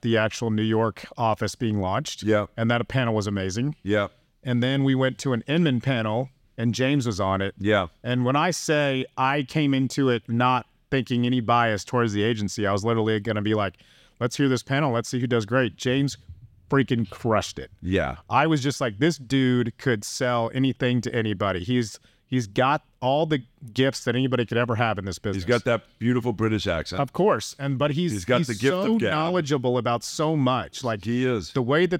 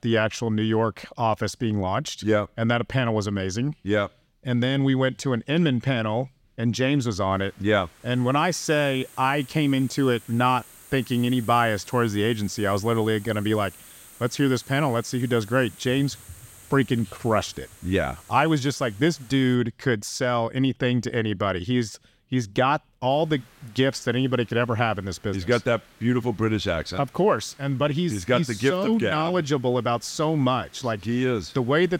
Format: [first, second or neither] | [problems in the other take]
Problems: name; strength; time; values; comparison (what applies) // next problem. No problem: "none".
first | hiss; faint; from 7.5 to 20 s and from 23 s on; 25 dB below the speech